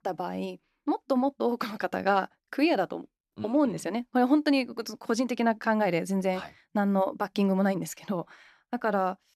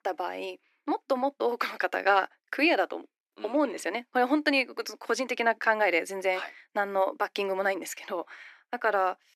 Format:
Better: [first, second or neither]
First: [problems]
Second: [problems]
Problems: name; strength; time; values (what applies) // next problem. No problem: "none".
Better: first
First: none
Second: thin; somewhat; fading below 300 Hz